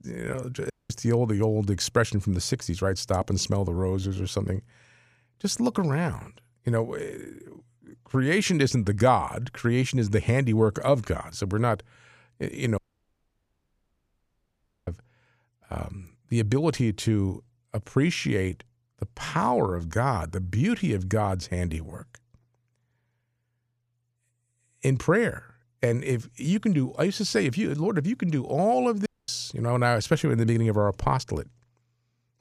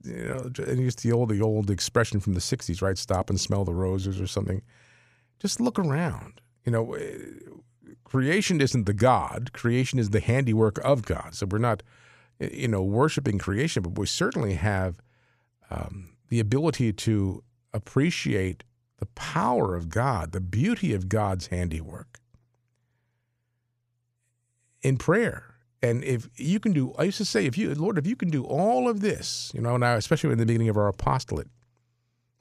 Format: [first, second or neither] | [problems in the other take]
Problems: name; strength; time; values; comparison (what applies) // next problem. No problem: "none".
second | audio cutting out; at 0.5 s, at 13 s for 2 s and at 29 s